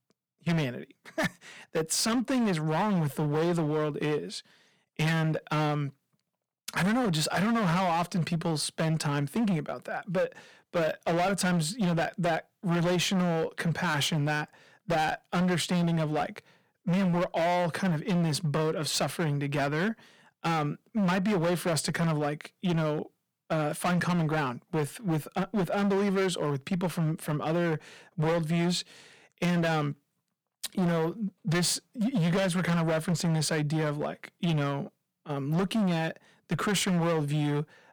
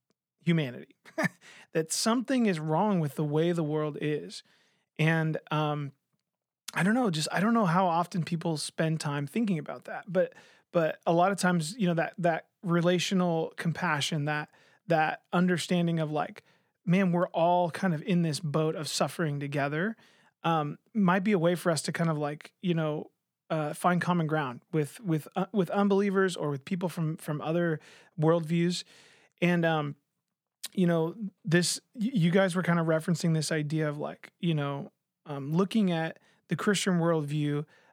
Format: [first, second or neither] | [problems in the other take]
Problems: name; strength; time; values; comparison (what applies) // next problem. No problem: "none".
second | distortion; heavy; 19% of the sound clipped